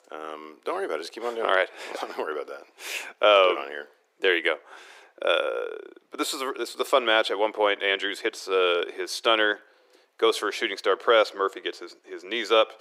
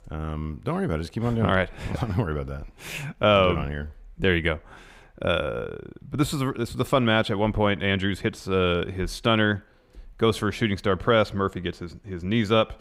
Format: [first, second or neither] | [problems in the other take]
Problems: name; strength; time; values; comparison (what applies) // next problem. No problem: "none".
second | thin; very; fading below 350 Hz